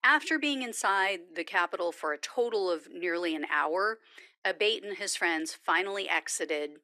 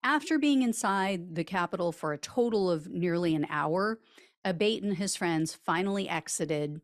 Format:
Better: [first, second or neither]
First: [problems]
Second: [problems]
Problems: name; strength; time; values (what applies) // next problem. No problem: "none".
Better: second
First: thin; somewhat; fading below 350 Hz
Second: none